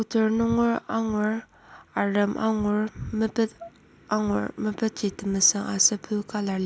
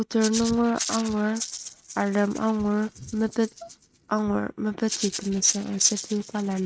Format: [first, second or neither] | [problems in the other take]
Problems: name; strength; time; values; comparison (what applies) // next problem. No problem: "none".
first | noise reduction (neural mask model RNNoise)